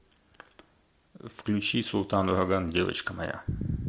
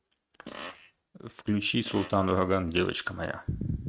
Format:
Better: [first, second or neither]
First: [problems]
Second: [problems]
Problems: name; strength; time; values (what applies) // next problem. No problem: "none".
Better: first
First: none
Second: noise reduction (neural mask model RNNoise)